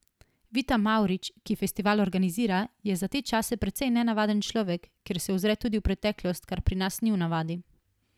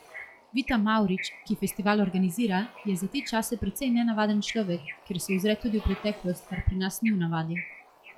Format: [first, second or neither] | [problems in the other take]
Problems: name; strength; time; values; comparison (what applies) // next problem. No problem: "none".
first | noise reduction (classical method log-MMSE)